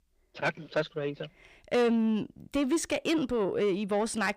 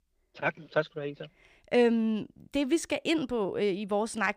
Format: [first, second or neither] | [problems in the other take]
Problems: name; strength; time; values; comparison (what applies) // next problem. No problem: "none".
second | distortion; slight; 10 dB below the speech